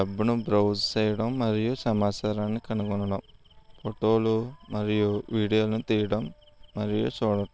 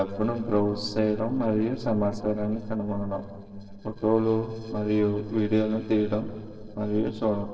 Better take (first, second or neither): first